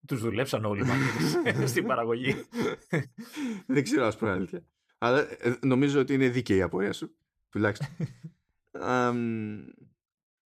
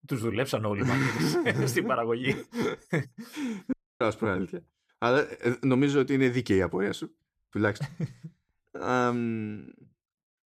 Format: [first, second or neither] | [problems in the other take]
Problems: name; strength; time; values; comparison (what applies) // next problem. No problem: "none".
first | audio cutting out; at 3.5 s